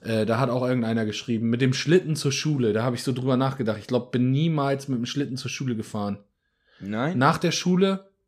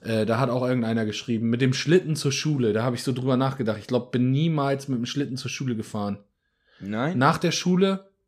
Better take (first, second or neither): neither